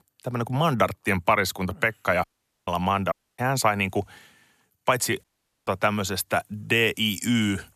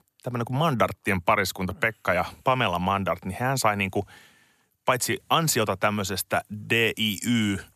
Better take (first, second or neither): second